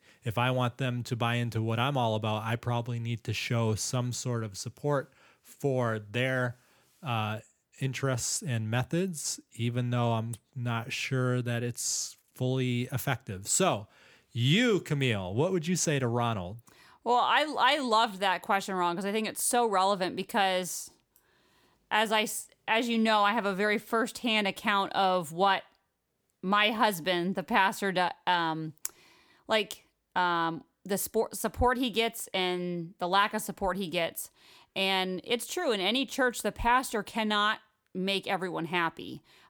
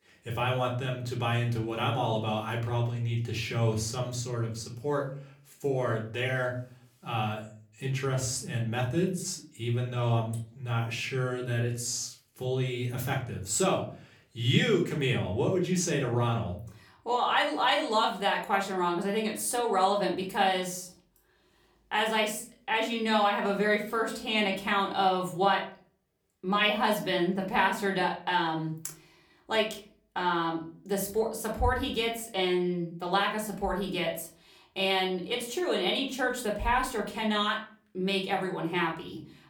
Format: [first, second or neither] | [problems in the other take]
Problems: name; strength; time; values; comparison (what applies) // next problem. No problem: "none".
first | off-mic speech; somewhat distant // room echo; slight; dies away in 0.4 s